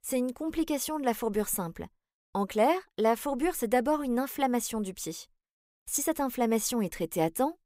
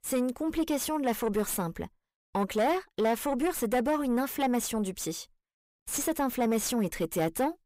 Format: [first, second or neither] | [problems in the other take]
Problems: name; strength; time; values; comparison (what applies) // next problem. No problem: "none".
first | distortion; slight; 10 dB below the speech